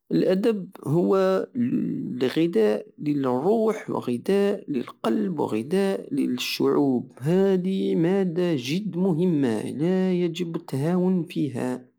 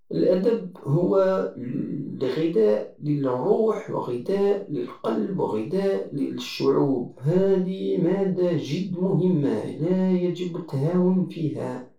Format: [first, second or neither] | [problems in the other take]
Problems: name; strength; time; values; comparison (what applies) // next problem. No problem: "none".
first | room echo; dies away in 0.3 s